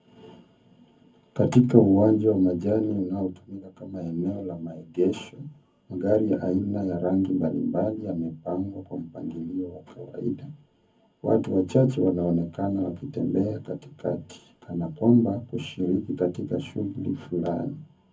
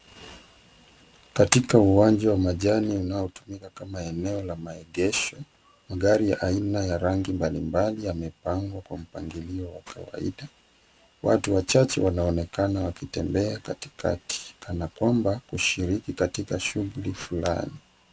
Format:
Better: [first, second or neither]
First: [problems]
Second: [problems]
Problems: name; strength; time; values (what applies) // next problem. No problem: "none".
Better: second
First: room echo; dies away in 0.3 s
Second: none